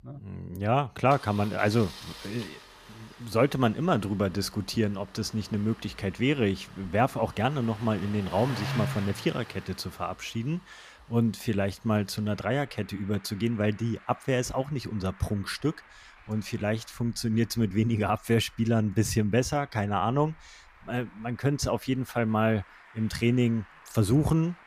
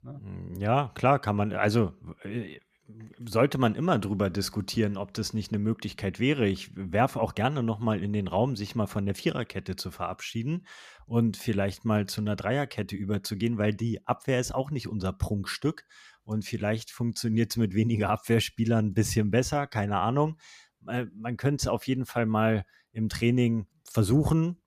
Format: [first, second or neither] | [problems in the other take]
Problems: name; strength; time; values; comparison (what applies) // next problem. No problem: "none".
second | traffic noise; noticeable; throughout; 15 dB below the speech